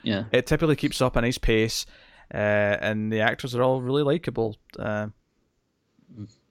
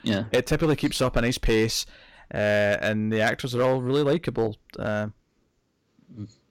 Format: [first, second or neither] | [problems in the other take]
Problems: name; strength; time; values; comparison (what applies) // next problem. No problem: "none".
first | distortion; slight; 5% of the sound clipped